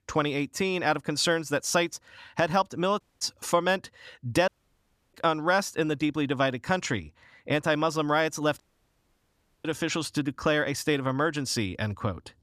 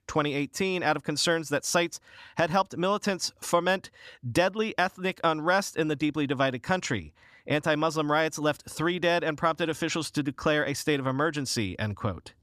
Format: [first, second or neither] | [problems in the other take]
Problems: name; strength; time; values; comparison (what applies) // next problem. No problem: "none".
second | audio cutting out; at 3 s, at 4.5 s for 0.5 s and at 8.5 s for 1 s